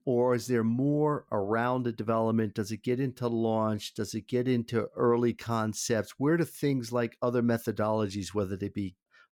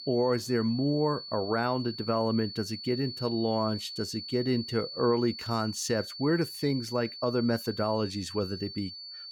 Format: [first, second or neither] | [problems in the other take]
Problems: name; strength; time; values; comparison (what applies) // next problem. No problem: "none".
first | high-pitched whine; loud; throughout; 4.5 kHz, 9 dB below the speech